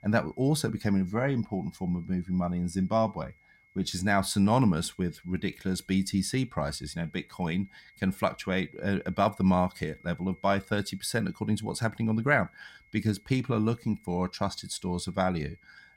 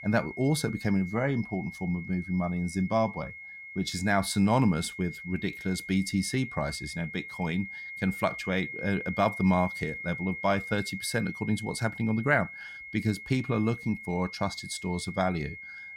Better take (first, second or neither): first